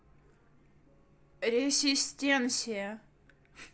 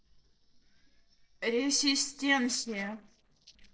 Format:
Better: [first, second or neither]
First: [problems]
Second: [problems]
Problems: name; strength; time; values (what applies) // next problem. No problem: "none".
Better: first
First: none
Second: noise reduction (neural separator model SepFormer DNS4)